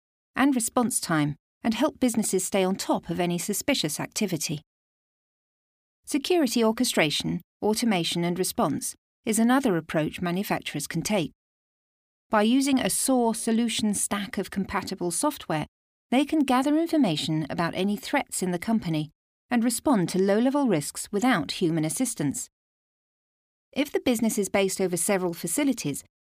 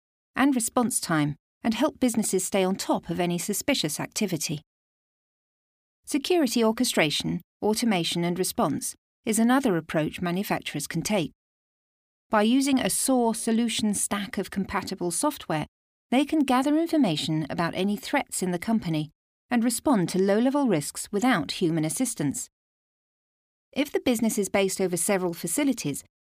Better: neither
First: none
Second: none

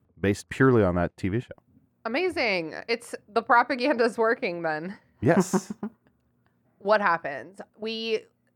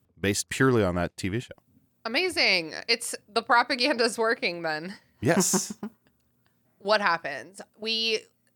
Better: second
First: muffled; slightly; fading above 2.5 kHz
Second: none

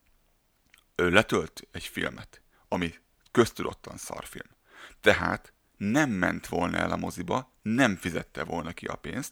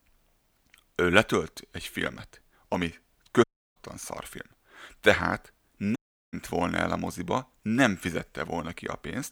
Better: first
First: none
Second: audio cutting out; at 3.5 s and at 6 s

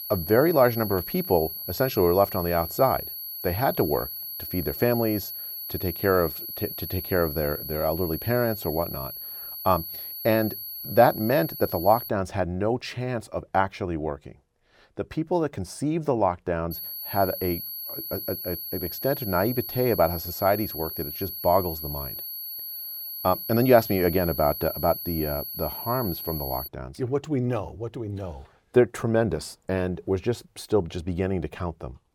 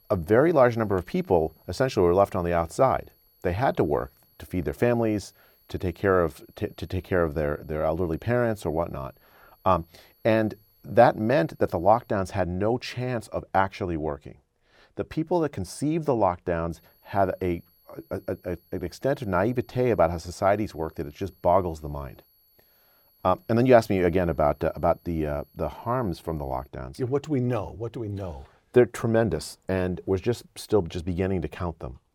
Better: second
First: high-pitched whine; loud; until 12 s and from 17 to 27 s; 11.5 kHz, 7 dB below the speech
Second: high-pitched whine; faint; until 12 s and from 17 to 27 s; 11.5 kHz, 35 dB below the speech

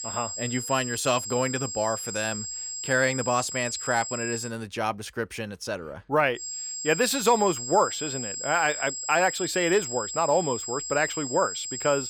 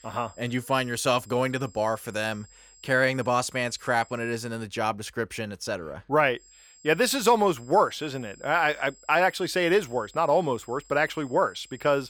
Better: second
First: high-pitched whine; loud; until 4.5 s and from 6.5 s on; 7.5 kHz, 5 dB below the speech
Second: high-pitched whine; faint; until 4.5 s and from 6.5 s on; 7.5 kHz, 25 dB below the speech

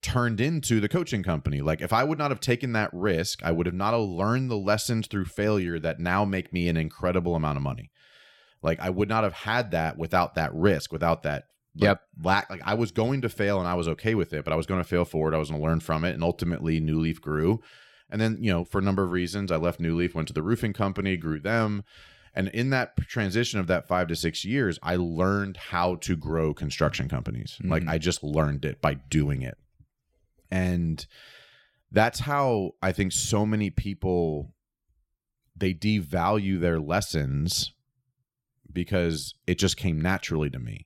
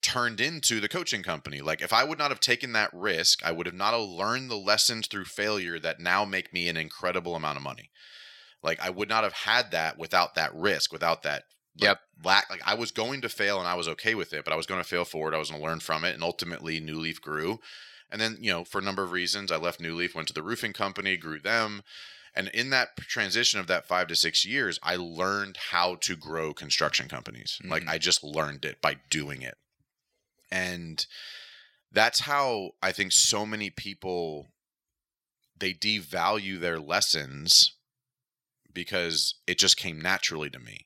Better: first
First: none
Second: thin; somewhat; fading below 1 kHz

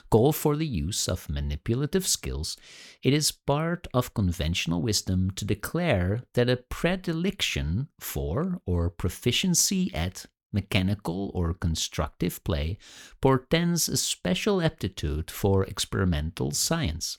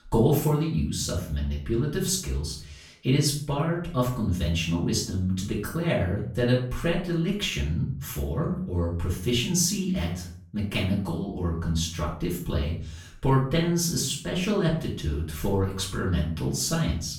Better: first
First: none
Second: room echo; noticeable; dies away in 0.4 s // off-mic speech; far

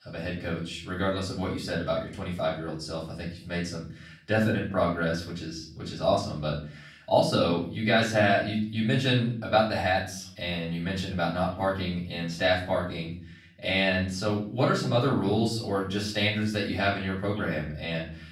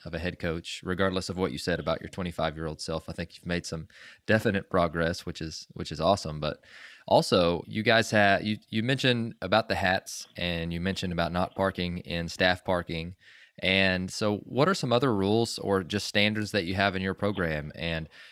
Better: second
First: off-mic speech; far // room echo; slight; dies away in 0.5 s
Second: none

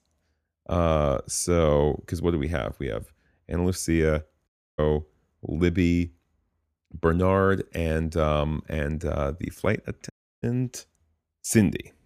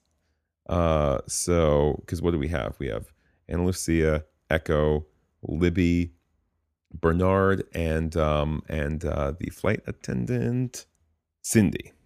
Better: second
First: audio cutting out; at 4.5 s and at 10 s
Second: none

